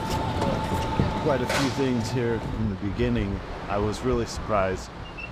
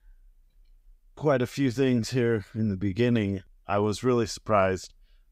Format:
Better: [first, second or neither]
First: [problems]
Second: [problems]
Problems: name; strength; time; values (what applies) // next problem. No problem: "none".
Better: second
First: train or aircraft noise; loud; throughout; 2 dB below the speech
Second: none